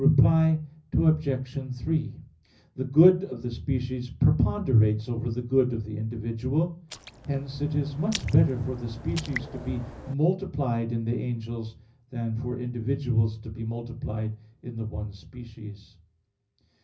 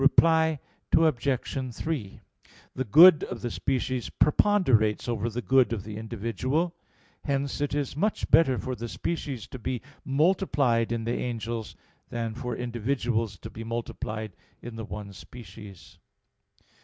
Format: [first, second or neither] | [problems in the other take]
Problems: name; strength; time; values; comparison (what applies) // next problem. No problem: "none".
second | background sound (Raindrop); 14 dB below the speech // room echo; dies away in 0.4 s